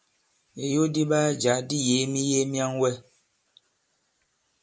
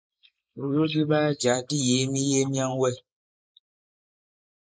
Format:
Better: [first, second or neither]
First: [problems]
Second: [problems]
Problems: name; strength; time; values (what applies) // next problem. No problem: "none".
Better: first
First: none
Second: noise reduction (neural mask model Resemble Enhance denoiser)